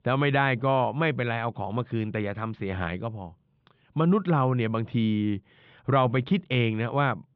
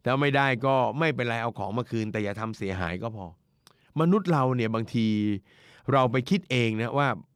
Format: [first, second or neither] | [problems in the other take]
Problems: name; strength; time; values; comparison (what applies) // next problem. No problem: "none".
second | muffled; very; fading above 3.5 kHz